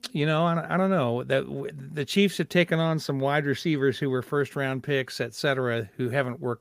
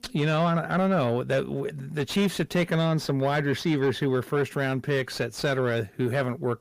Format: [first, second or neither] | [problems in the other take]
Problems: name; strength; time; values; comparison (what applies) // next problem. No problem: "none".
first | distortion; slight; 10 dB below the speech